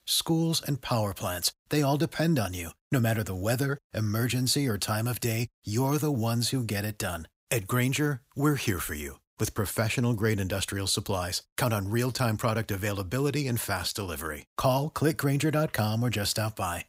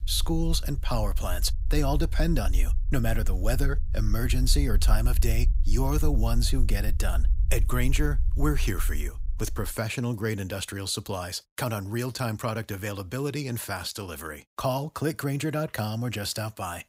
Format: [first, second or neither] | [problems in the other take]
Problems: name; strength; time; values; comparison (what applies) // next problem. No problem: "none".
first | low rumble; noticeable; until 9.5 s; 20 dB below the speech